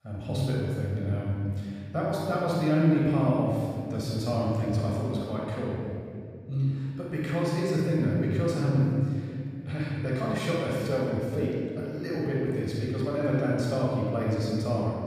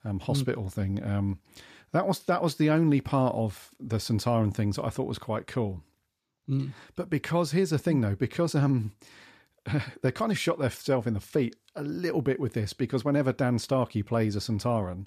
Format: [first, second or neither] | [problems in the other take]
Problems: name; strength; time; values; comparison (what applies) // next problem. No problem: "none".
second | room echo; strong; dies away in 2.3 s // off-mic speech; far